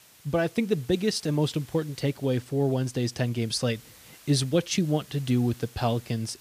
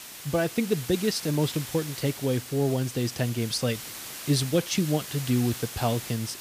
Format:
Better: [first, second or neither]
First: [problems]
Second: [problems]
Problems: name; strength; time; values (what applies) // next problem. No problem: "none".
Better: first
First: hiss; faint; throughout; 25 dB below the speech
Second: hiss; loud; throughout; 10 dB below the speech